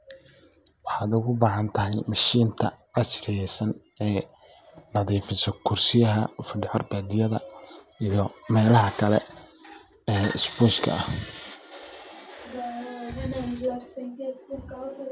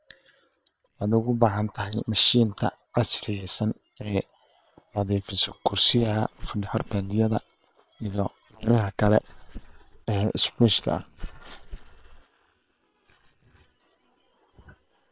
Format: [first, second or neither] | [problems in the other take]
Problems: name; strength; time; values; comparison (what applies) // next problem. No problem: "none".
first | noise reduction (neural separator model SepFormer WHAM!)